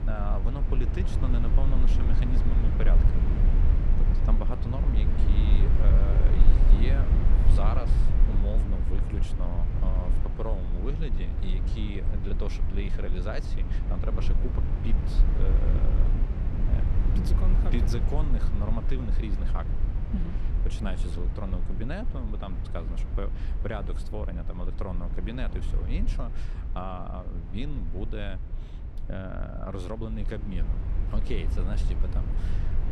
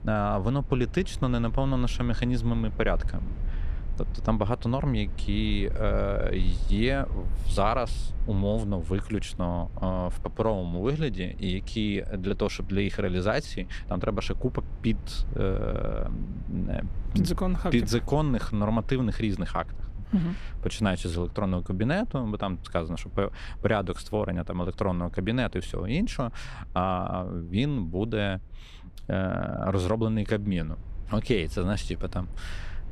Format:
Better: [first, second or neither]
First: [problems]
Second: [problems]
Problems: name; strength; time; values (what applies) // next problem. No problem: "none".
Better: second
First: low rumble; loud; throughout; 3 dB below the speech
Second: low rumble; faint; throughout; 20 dB below the speech